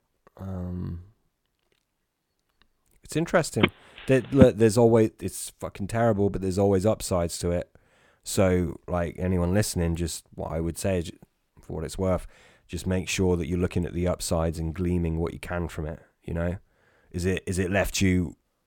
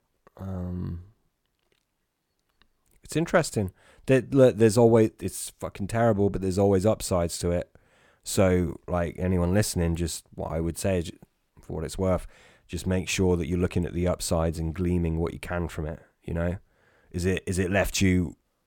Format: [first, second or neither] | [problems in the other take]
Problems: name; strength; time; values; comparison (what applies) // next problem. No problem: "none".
second | phone ringing; loud; at 3.5 s; peak 3 dB above the speech